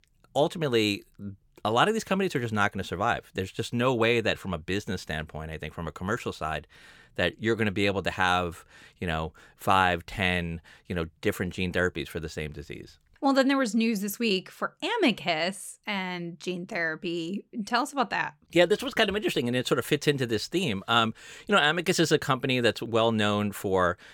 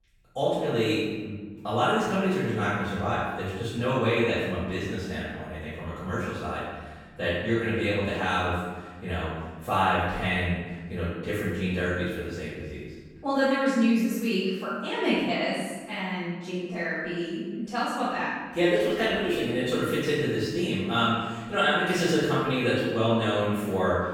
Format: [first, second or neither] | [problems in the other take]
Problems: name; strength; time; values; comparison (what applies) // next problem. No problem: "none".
first | off-mic speech; far // room echo; strong; dies away in 1.3 s